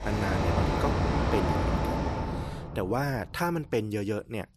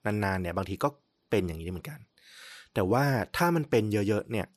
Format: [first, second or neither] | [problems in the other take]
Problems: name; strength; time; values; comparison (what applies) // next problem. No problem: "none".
second | train or aircraft noise; very loud; until 2 s; 3 dB above the speech